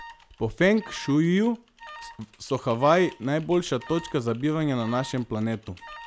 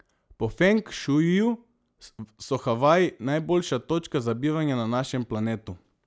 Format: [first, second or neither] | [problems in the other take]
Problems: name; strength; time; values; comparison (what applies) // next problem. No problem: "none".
second | background sound (Alarm + Typing); 20 dB below the speech